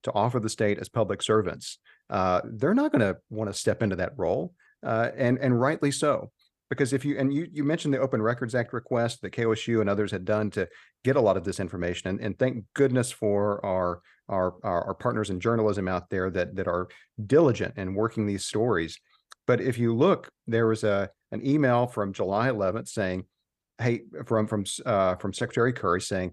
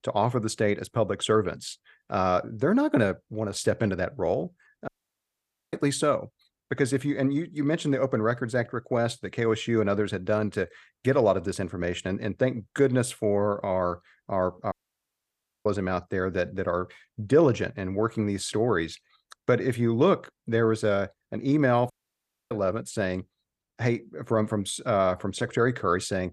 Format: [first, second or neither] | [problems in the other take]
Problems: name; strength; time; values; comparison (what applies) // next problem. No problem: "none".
first | audio cutting out; at 5 s for 1 s, at 15 s for 1 s and at 22 s for 0.5 s